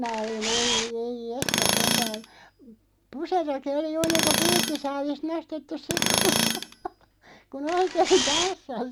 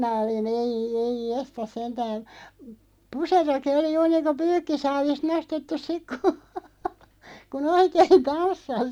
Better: second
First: background sound (Tools + Camera); 2 dB above the speech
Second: none

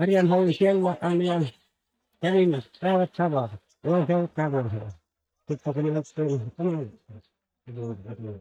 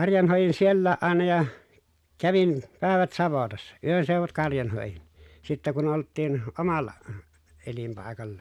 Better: second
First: noise reduction (neural mask model DeepFilterNet 3)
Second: none

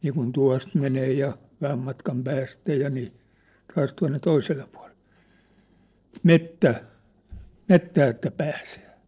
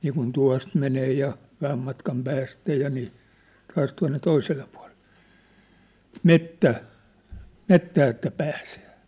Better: second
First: noise reduction (neural separator model SepFormer DNS4)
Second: none

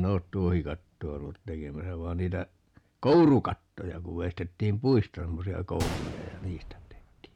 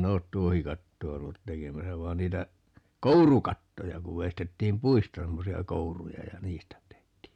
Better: second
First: background sound (Gunshot, gunfire); 16 dB below the speech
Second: none

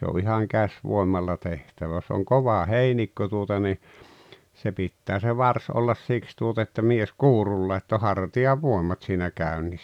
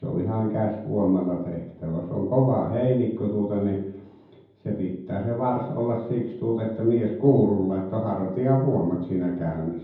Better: first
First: none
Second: room echo; dies away in 0.9 s

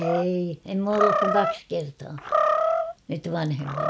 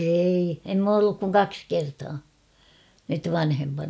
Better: second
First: background sound (Animal); 1 dB above the speech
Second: none

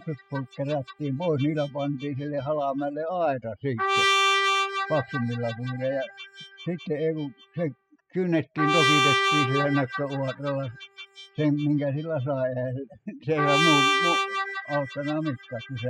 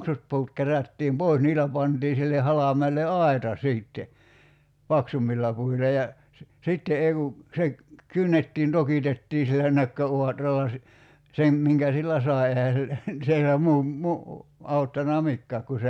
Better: second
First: noise reduction (classical method spectral subtraction)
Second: none

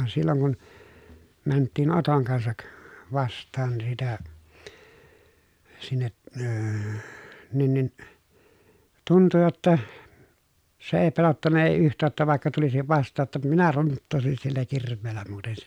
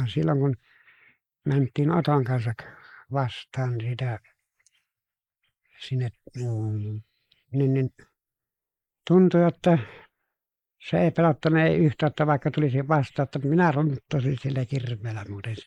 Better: first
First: none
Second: noise reduction (neural mask model Resemble Enhance denoiser)

